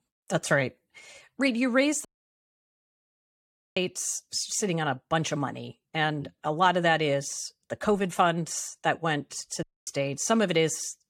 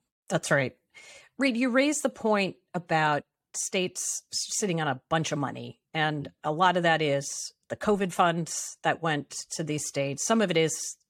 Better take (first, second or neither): second